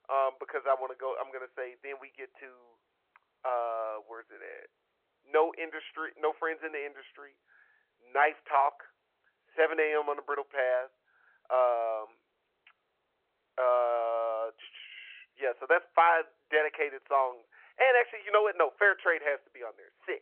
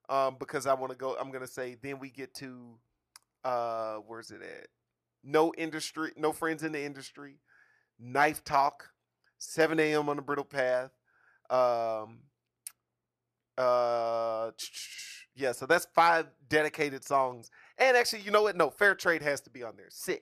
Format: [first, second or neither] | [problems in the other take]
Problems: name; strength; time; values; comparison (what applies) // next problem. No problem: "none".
second | phone-call audio